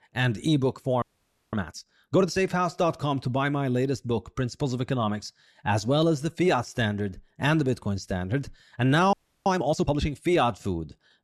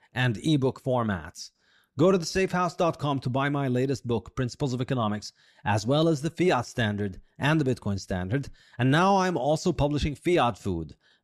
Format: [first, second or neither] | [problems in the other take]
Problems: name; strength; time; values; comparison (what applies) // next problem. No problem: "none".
second | audio freezing; at 1 s for 0.5 s and at 9 s